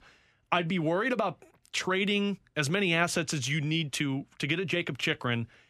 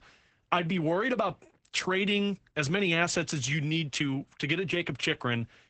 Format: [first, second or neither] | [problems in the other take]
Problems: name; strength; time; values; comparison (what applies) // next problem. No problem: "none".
first | garbled, watery; badly; nothing above 8 kHz